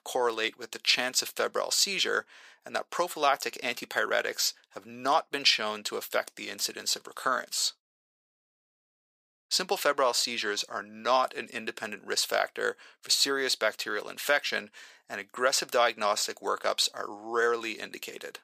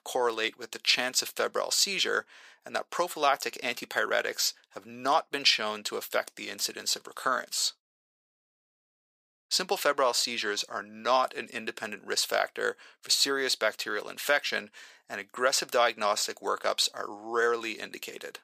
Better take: neither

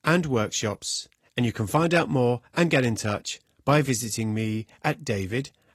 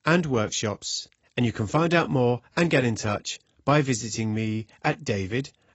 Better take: first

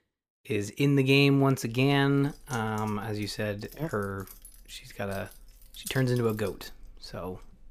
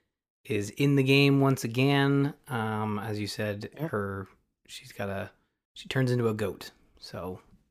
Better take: second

